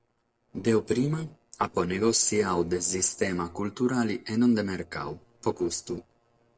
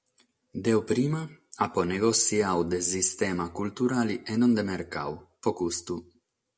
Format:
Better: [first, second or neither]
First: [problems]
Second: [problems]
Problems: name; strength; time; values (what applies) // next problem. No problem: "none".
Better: second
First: noise reduction (neural separator model SepFormer DNS4)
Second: none